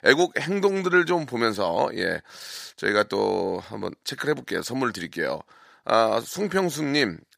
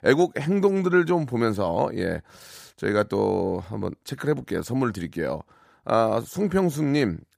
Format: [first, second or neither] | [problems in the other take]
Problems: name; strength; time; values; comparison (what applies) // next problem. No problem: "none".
second | thin; very slightly; fading below 400 Hz